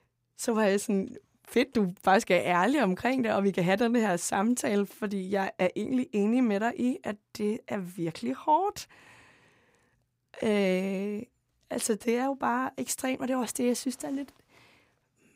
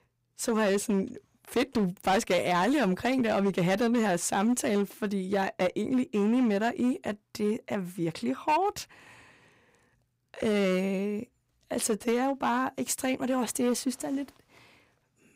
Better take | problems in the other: first | distortion; slight; 7% of the sound clipped

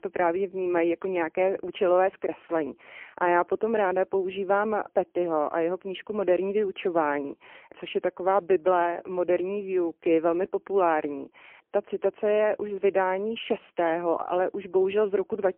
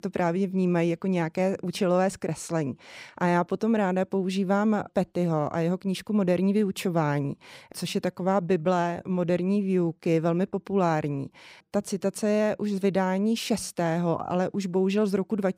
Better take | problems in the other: second | phone-call audio; poor line; nothing above 3 kHz

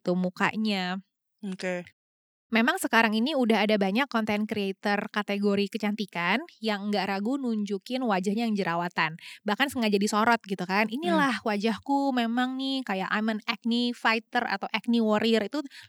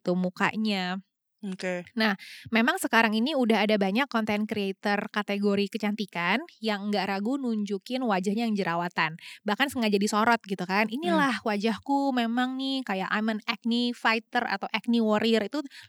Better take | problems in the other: second | audio cutting out; at 2 s for 0.5 s

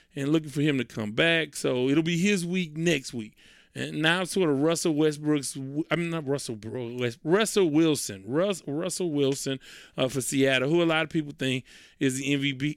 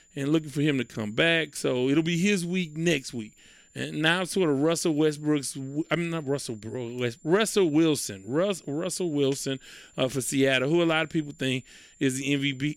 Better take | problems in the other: first | high-pitched whine; faint; throughout; 7 kHz, 30 dB below the speech

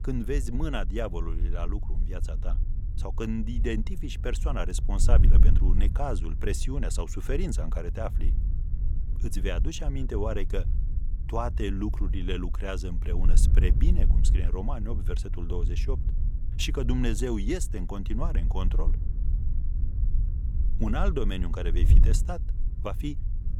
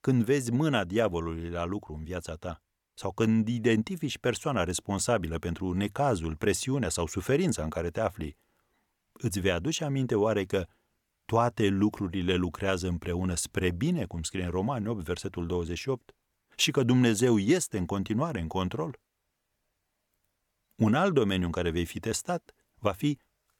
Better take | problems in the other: second | wind noise on the microphone; occasional gusts; 10 dB below the speech

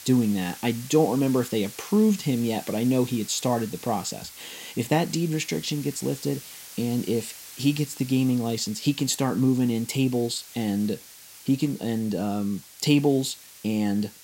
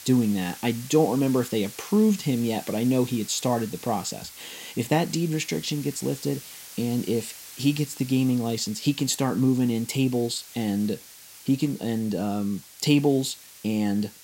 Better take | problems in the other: neither | hiss; noticeable; throughout; 15 dB below the speech; the same in both

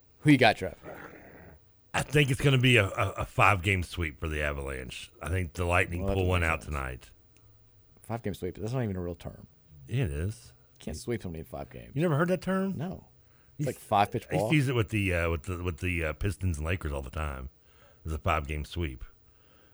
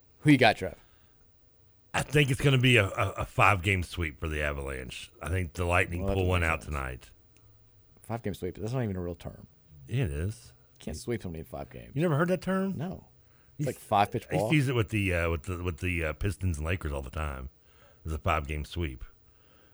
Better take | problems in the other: second | dog barking; faint; at 1 s; peak 15 dB below the speech

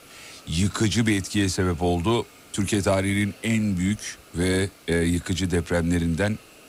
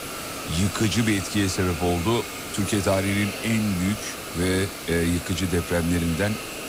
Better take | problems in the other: first | hiss; loud; throughout; 7 dB below the speech; faint in the first

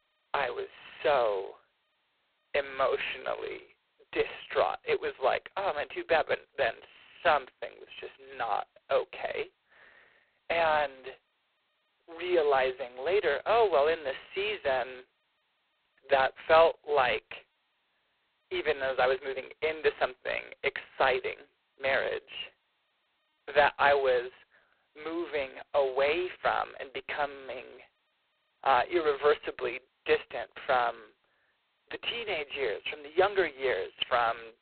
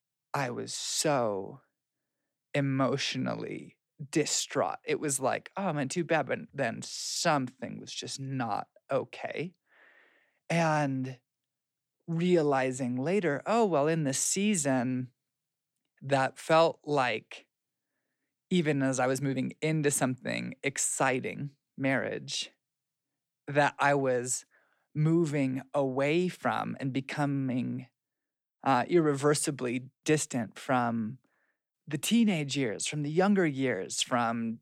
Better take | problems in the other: second | phone-call audio; poor line; nothing above 4 kHz

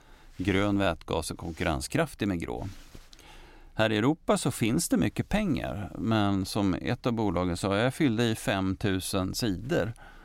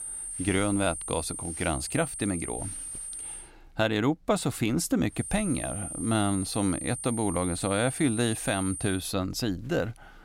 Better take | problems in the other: first | high-pitched whine; loud; until 3.5 s and from 5 to 9 s; 8.5 kHz, 6 dB below the speech

